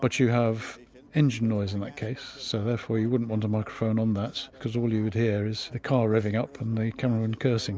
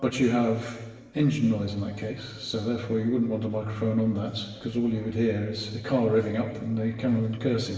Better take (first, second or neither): first